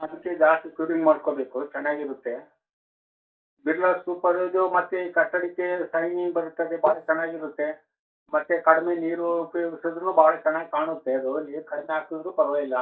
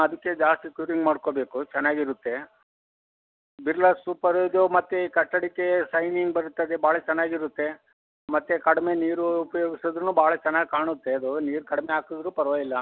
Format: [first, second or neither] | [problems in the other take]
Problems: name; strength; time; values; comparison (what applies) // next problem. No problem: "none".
second | noise reduction (neural mask model DeepFilterNet 3)